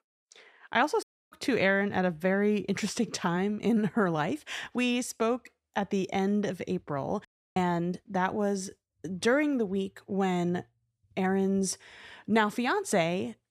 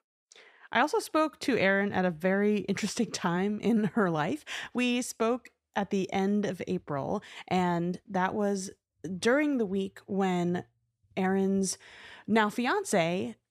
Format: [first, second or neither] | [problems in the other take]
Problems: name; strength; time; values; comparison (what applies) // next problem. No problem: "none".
second | audio cutting out; at 1 s and at 7.5 s